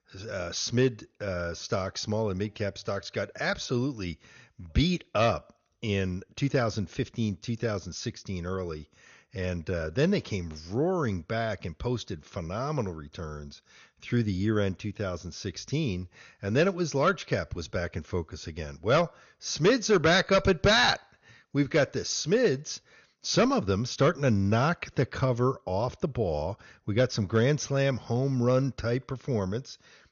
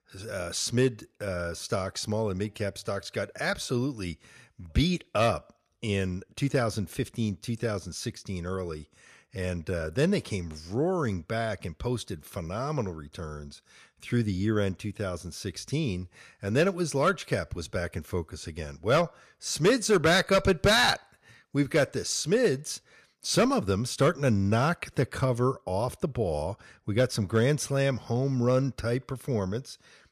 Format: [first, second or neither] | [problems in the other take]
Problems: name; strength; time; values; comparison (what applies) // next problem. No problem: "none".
second | garbled, watery; slightly; nothing above 6.5 kHz